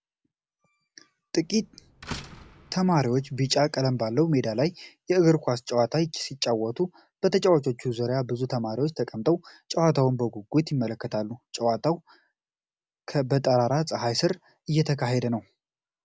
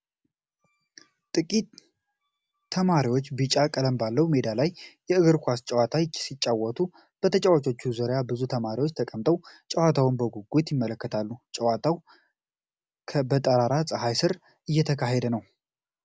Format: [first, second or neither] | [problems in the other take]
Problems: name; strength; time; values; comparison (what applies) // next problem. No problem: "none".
second | background sound (Slam); 18 dB below the speech